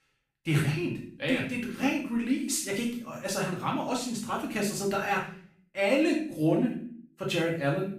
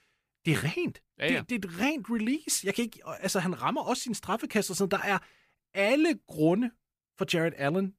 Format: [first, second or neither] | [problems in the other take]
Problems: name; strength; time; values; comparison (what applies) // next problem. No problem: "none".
second | room echo; noticeable; dies away in 0.5 s // off-mic speech; far